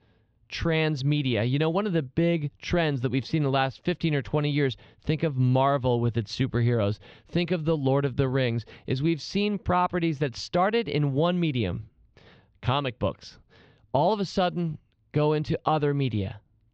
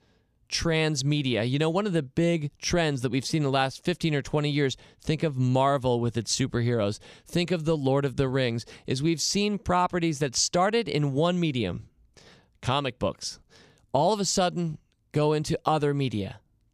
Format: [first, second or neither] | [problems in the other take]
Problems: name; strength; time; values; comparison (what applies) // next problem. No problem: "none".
second | muffled; slightly; fading above 4 kHz